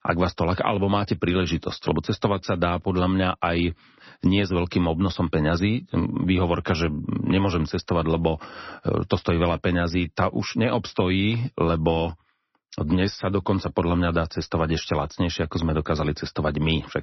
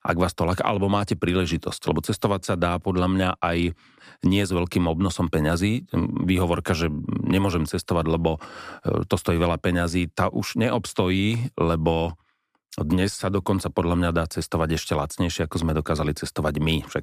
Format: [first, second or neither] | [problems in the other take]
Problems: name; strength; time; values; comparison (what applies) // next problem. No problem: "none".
second | garbled, watery; slightly; nothing above 6 kHz